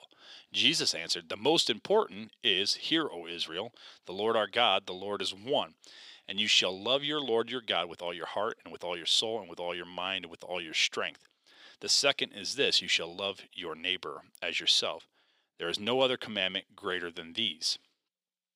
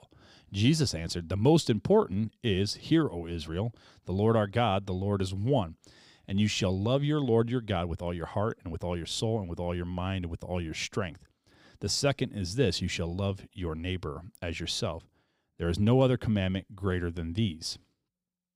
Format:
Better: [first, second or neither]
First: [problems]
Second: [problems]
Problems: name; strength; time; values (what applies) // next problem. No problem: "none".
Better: second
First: thin; somewhat; fading below 450 Hz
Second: none